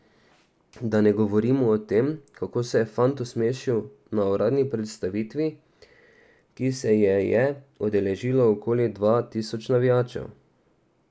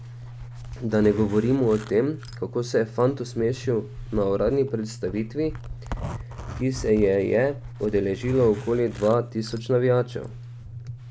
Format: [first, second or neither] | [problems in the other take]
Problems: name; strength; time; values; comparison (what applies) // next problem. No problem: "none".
first | background sound (Zipper (clothing)); 12 dB below the speech